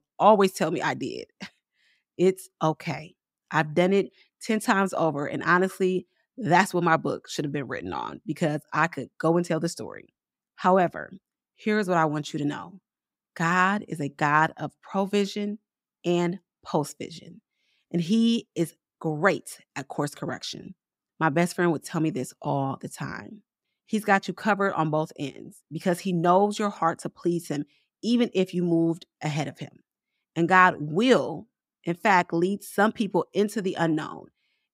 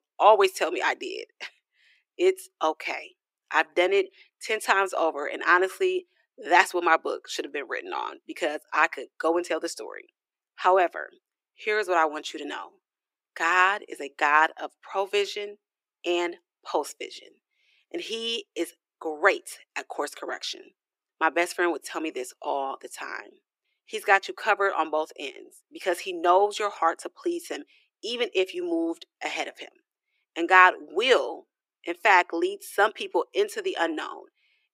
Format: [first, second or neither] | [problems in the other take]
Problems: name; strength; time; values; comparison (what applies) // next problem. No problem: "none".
first | thin; very; fading below 350 Hz